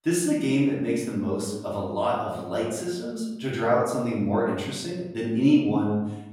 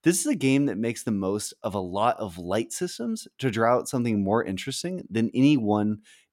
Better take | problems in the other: second | room echo; noticeable; dies away in 0.9 s // off-mic speech; far

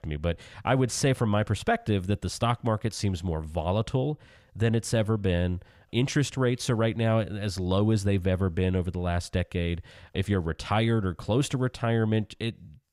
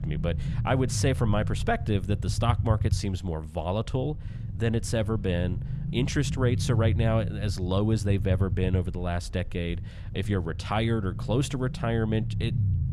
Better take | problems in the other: first | low rumble; noticeable; throughout; 15 dB below the speech

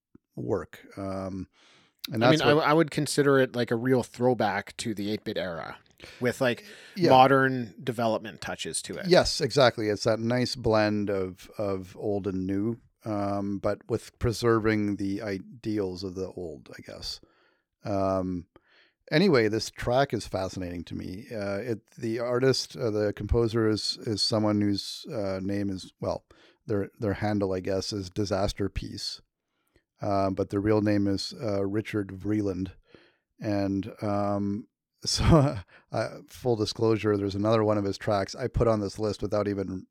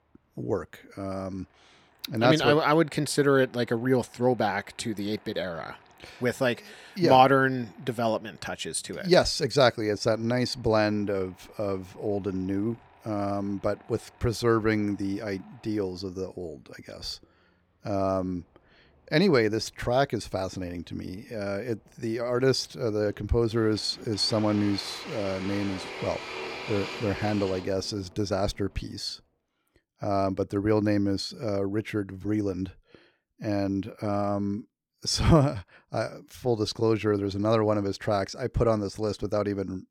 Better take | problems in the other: first | machinery noise; noticeable; until 29 s; 15 dB below the speech

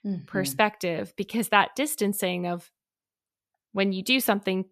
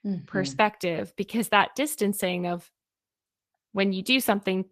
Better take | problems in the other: first | garbled, watery; slightly; nothing above 14.5 kHz

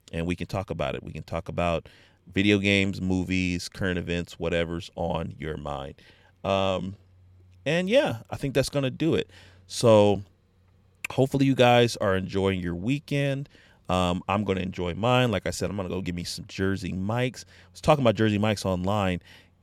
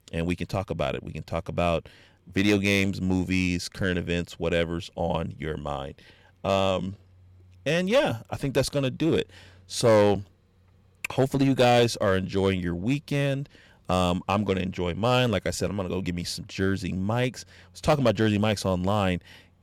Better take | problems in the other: first | distortion; slight; 3% of the sound clipped

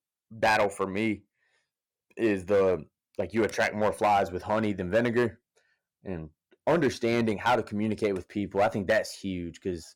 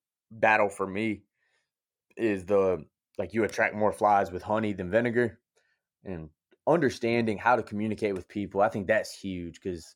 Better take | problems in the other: second | distortion; slight; 4% of the sound clipped

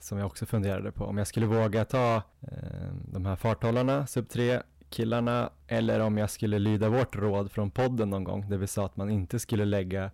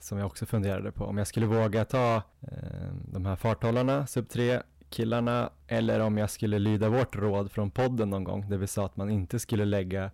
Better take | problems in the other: neither | distortion; slight; 8% of the sound clipped; the same in both

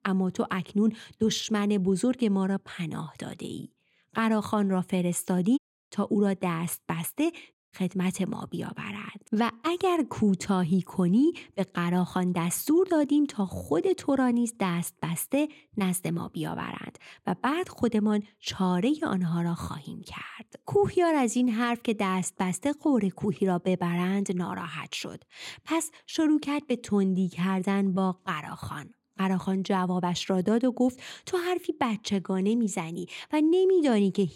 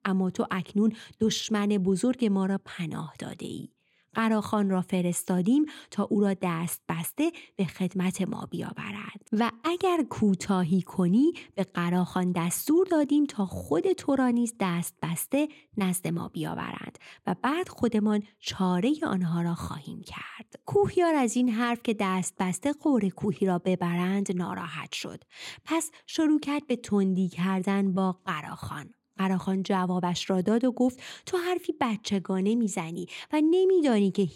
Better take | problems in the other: second | audio cutting out; at 5.5 s and at 7.5 s

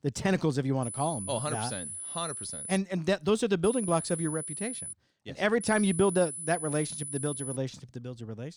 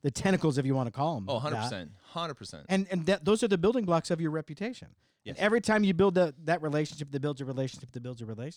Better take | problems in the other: second | high-pitched whine; loud; from 1 to 3 s, from 3.5 to 5 s and from 5.5 to 7.5 s; 10 kHz, 7 dB below the speech

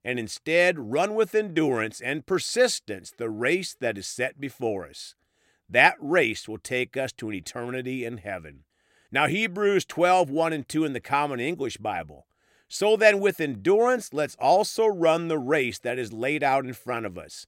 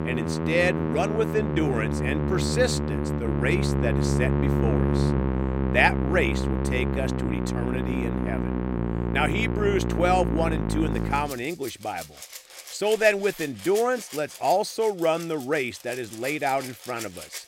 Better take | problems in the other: first | background music; very loud; throughout; as loud as the speech

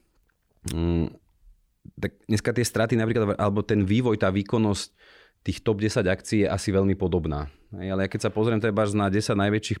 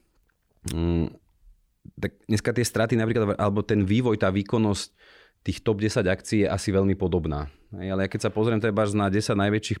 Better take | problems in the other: neither | none

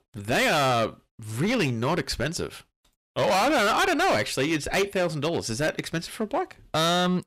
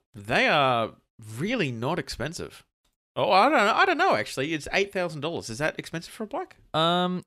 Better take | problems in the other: second | distortion; heavy; 16% of the sound clipped

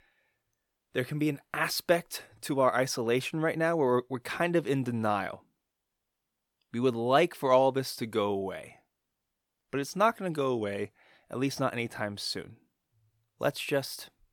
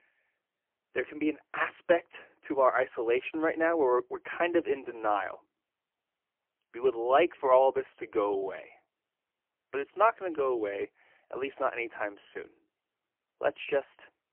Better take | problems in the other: first | phone-call audio; poor line; nothing above 3 kHz

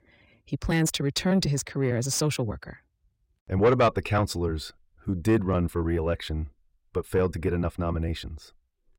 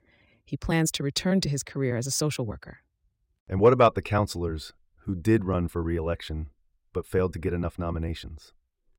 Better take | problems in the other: second | distortion; slight; 10 dB below the speech

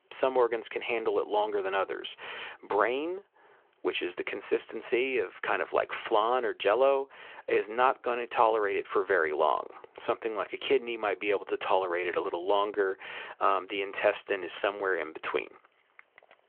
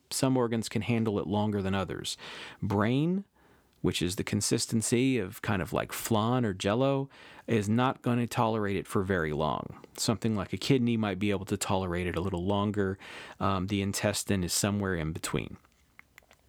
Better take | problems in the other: second | phone-call audio

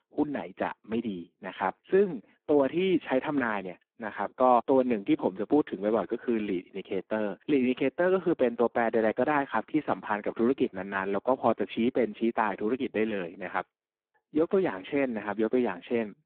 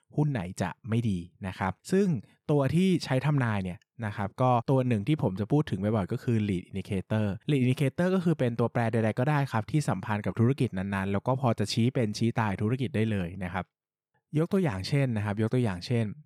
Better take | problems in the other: second | phone-call audio; poor line

